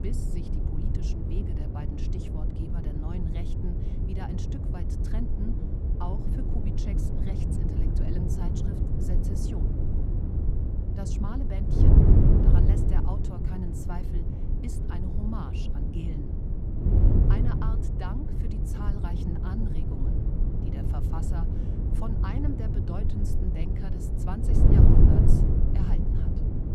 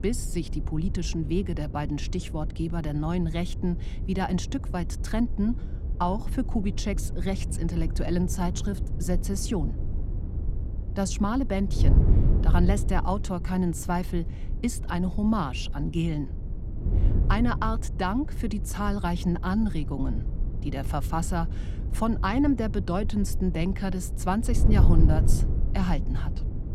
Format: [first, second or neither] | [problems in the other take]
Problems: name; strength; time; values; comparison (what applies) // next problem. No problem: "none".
second | wind noise on the microphone; heavy; 5 dB above the speech; occasional gusts in the second